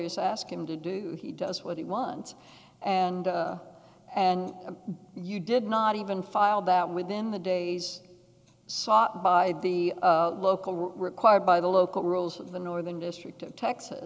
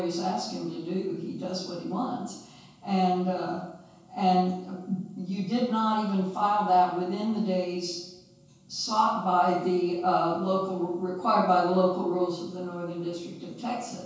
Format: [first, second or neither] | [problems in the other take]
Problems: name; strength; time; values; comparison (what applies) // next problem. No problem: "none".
first | room echo; dies away in 0.6 s